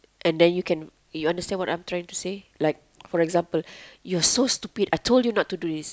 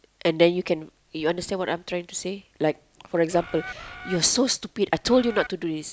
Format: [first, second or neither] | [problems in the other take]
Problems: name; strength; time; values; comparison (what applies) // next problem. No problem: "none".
first | background sound (Bird); 13 dB below the speech